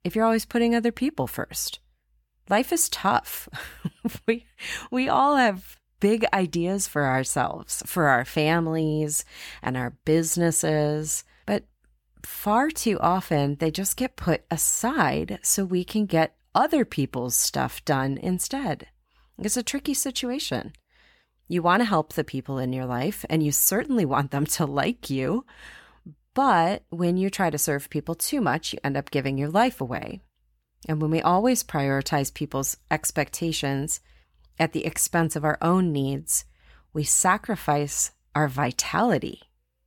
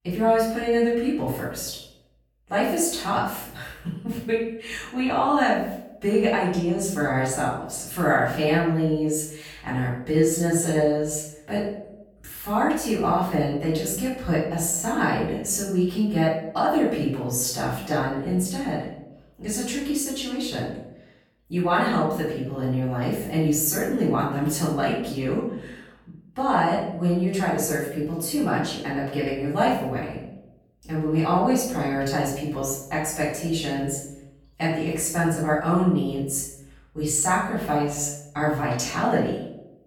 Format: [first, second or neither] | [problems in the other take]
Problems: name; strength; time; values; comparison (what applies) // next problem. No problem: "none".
first | off-mic speech; far // room echo; noticeable; dies away in 0.7 s